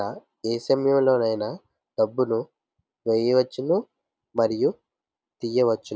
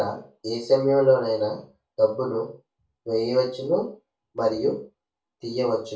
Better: first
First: none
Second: room echo; dies away in 0.3 s

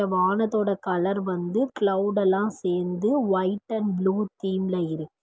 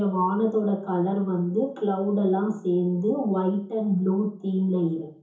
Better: first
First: none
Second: room echo; dies away in 0.7 s

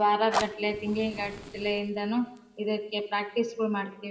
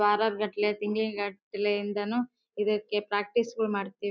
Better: second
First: background sound (Fire); 11 dB below the speech // room echo; dies away in 0.8 s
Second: none

